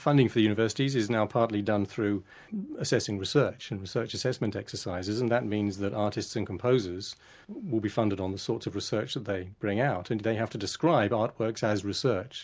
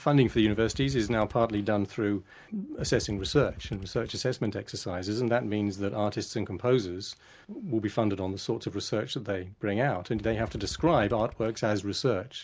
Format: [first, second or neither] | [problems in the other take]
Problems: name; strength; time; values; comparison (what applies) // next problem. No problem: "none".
first | background sound (Motorcycle / Engine); 16 dB below the speech